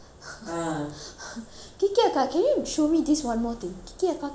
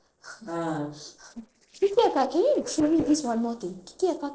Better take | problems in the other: first | noise reduction (neural separator model SepFormer DNS4)

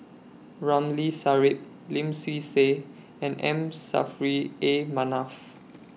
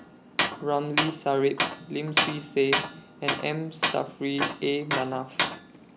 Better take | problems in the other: first | background sound (Tools); 1 dB below the speech

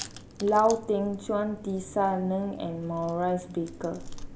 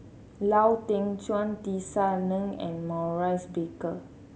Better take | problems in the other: second | background sound (Chewing, mastication); 16 dB below the speech

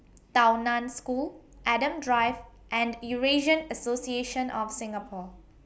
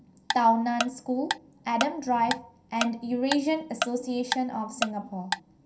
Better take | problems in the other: first | background sound (Tick-tock); 6 dB below the speech // room echo; dies away in 0.3 s

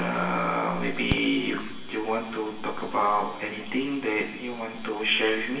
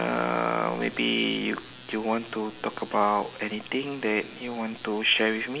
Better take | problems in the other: second | background sound (Fireworks); 15 dB below the speech // room echo; dies away in 1 s

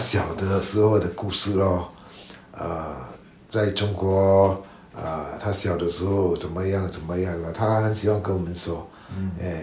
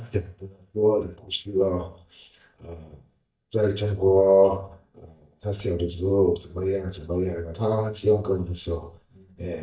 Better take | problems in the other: first | noise reduction (neural mask model DeepFilterNet 3)

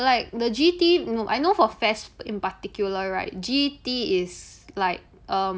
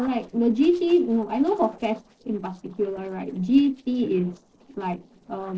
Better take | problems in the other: first | noise reduction (neural separator model SepFormer DNS4)

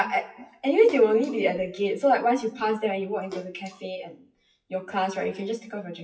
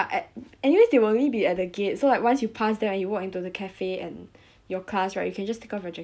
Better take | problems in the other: second | noise reduction (classical method WPE with log-MMSE)

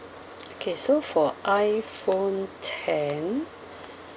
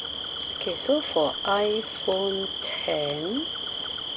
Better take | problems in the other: first | background sound (Cricket); 4 dB below the speech

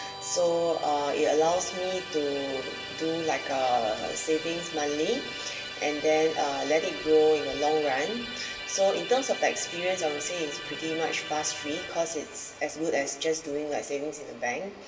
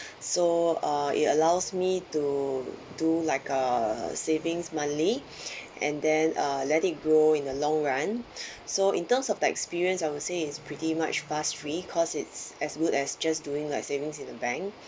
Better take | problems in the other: second | background sound (Musical instrument); 11 dB below the speech // room echo; dies away in 1.5 s

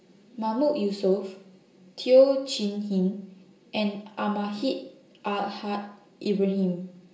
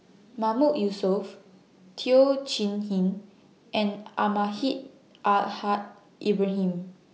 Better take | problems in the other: second | room echo; dies away in 0.5 s

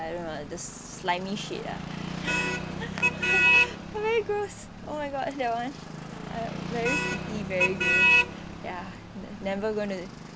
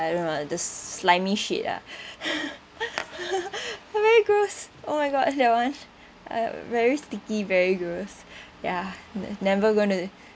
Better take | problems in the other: second | background sound (Motor vehicle (road)); 4 dB above the speech

